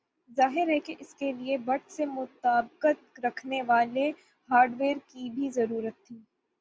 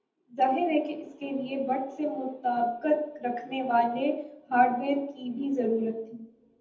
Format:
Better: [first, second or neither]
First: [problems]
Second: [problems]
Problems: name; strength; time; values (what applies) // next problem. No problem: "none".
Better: first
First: none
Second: room echo; dies away in 0.9 s